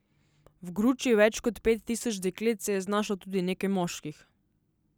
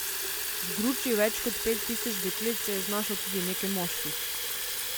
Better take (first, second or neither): first